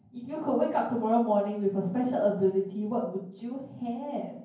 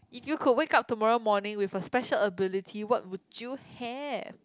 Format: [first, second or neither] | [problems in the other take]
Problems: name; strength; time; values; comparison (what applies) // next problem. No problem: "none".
second | room echo; dies away in 0.9 s